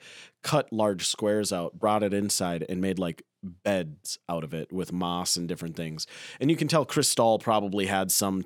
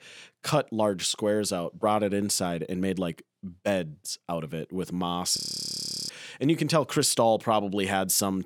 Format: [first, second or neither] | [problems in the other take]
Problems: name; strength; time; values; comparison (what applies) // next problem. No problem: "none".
first | audio freezing; at 5.5 s for 0.5 s